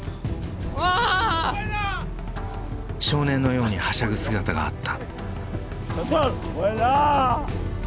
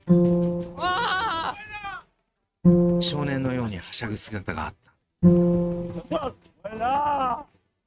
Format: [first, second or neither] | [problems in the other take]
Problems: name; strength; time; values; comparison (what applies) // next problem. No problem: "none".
first | noise reduction (neural mask model RNNoise)